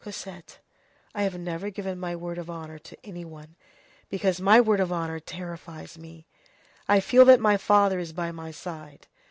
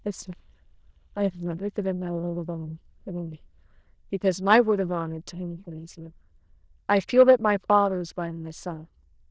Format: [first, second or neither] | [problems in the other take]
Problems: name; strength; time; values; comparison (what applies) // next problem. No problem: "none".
first | noise reduction (neural diffusion model UNIVERSE++)